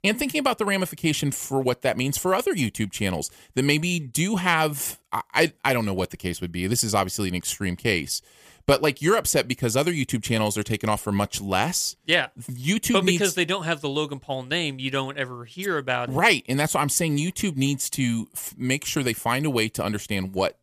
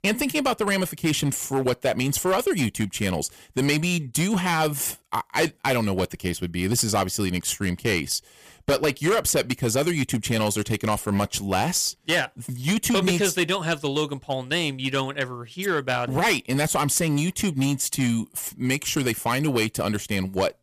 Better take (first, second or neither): first